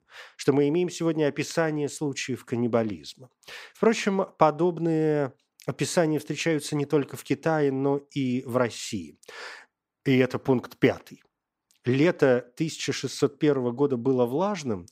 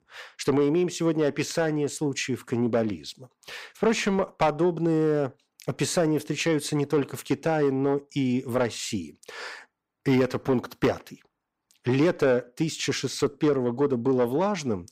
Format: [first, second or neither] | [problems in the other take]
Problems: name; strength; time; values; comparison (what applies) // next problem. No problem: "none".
first | distortion; slight; 10 dB below the speech